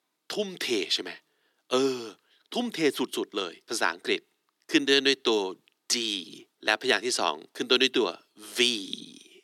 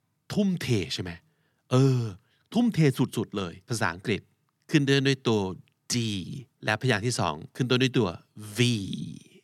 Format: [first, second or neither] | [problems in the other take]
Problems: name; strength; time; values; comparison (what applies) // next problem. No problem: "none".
second | thin; somewhat; fading below 300 Hz